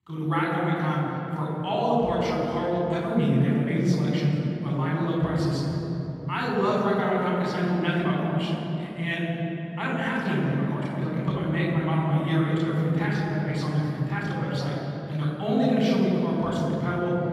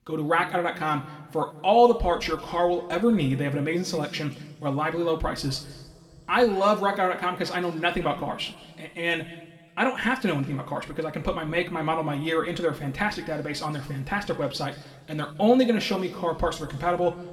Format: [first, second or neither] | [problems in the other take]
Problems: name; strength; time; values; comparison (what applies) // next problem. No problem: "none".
second | room echo; strong; dies away in 3 s; slight in the second // off-mic speech; far; somewhat distant in the second